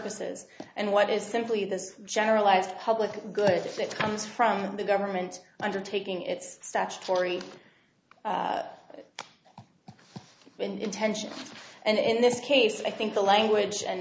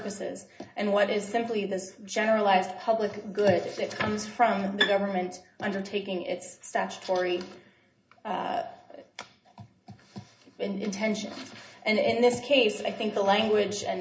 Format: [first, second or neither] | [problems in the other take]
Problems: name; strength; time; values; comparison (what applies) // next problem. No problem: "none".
first | background sound (Bowed string instrument); 5 dB below the speech // room echo; dies away in 0.4 s